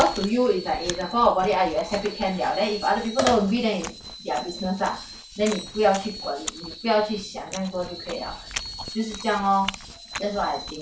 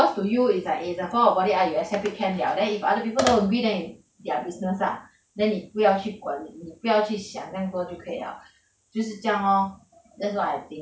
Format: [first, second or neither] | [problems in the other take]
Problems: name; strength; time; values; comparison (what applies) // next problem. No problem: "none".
second | background sound (Chewing, mastication + Screech); 12 dB below the speech